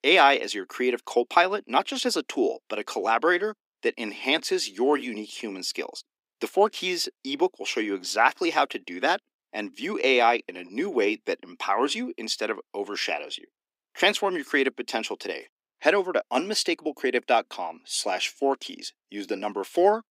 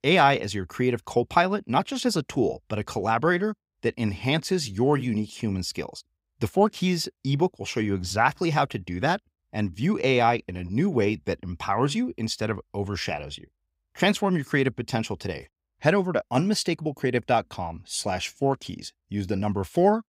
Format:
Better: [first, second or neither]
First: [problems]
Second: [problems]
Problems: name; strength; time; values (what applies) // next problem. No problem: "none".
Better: second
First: thin; somewhat; fading below 250 Hz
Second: none